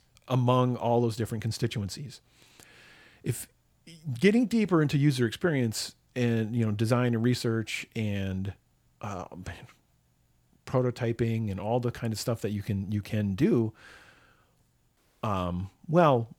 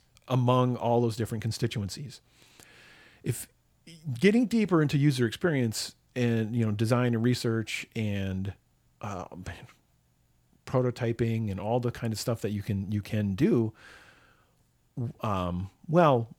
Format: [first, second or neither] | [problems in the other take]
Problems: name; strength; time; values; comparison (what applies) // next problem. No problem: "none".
second | audio cutting out; at 15 s